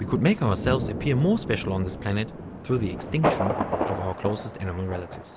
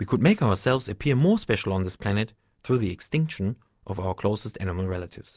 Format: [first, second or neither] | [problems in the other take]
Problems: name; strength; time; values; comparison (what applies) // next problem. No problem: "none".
second | background sound (Thunder); 4 dB below the speech